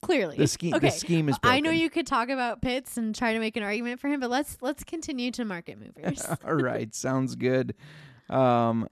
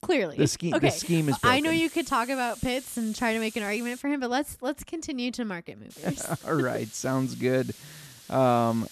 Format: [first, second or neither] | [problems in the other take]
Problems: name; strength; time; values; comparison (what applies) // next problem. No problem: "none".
first | hiss; noticeable; from 1 to 4 s and from 6 s on; 15 dB below the speech